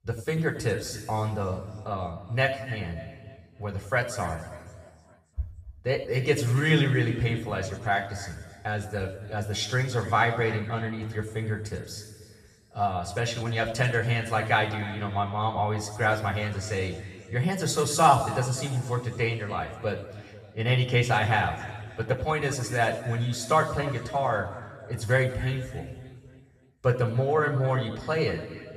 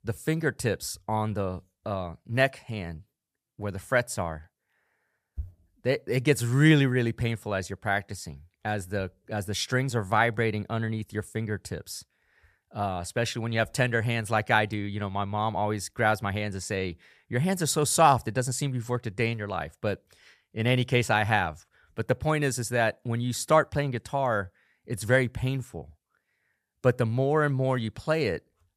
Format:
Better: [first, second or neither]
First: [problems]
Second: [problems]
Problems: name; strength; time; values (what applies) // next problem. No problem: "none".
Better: second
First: room echo; noticeable; dies away in 2 s // off-mic speech; far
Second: none